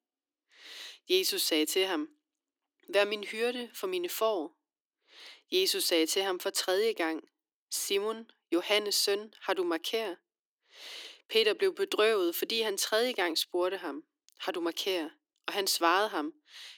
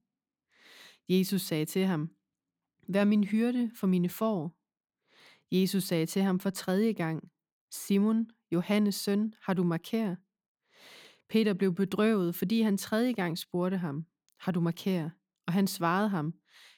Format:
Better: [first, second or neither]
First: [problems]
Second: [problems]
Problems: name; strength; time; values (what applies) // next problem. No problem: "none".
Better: second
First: thin; very; fading below 300 Hz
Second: none